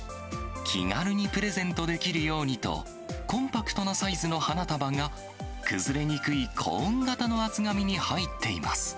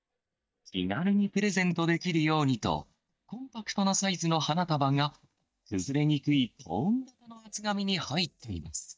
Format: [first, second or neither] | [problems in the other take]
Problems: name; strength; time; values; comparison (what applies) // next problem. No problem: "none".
first | noise reduction (neural mask model DeepFilterNet 3)